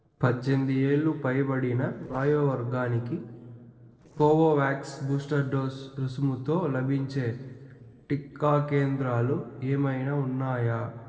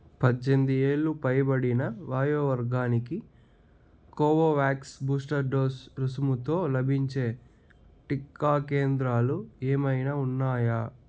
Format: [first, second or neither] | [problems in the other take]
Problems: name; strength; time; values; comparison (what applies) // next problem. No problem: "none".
second | noise reduction (neural separator model SepFormer DNS4)